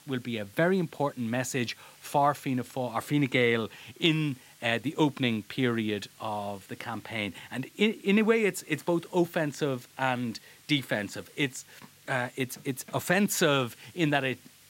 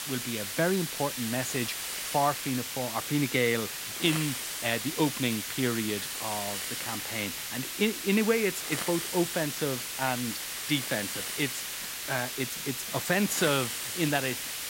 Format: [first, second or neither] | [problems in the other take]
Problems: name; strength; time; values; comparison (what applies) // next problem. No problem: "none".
first | hiss; loud; throughout; 3 dB below the speech; faint in the first